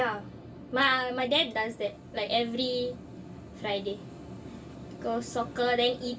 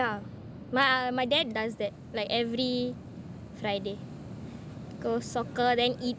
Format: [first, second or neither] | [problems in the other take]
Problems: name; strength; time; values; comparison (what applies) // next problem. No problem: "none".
second | room echo; dies away in 0.2 s